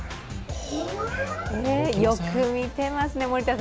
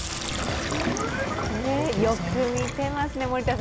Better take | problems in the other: first | background sound (Sink (filling or washing)); 4 dB below the speech

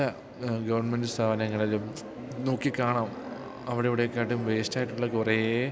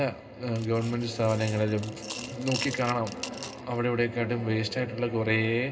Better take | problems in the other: first | background sound (Coin (dropping) / Glass); 13 dB below the speech // room echo; dies away in 0.2 s

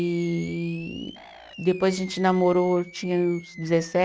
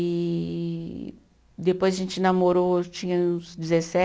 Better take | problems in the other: second | noise reduction (neural mask model RNNoise)

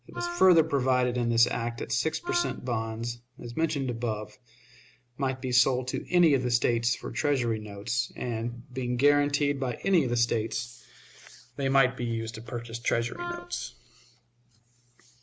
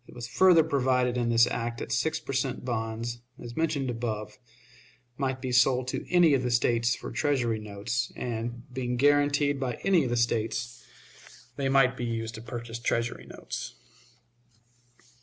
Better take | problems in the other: second | background sound (Wind instrument, woodwind instrument); 11 dB below the speech

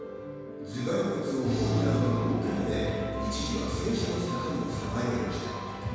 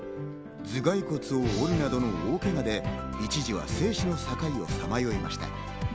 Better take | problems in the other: second | room echo; dies away in 1.9 s

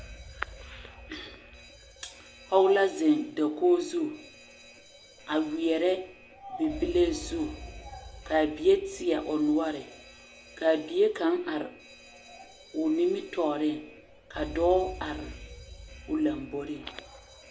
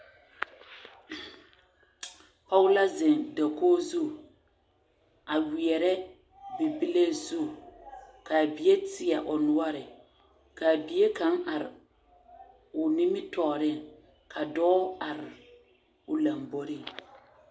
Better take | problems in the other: second | background sound (Alarm); 18 dB below the speech

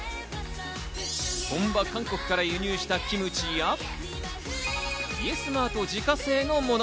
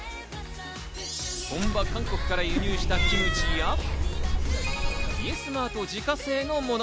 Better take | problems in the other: first | background sound (Cat); 5 dB above the speech

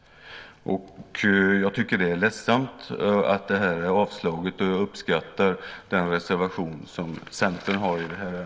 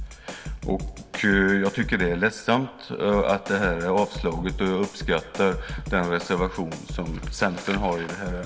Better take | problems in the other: first | background sound (Drum kit); 10 dB below the speech

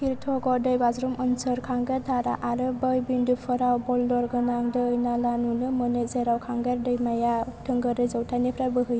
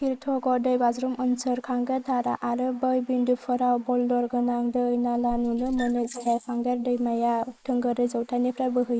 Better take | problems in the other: first | noise reduction (neural mask model Resemble Enhance denoiser)

